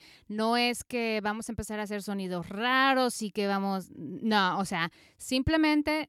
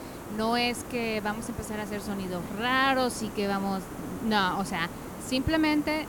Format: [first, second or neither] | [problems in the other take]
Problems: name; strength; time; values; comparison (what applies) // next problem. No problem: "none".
first | hiss; noticeable; throughout; 10 dB below the speech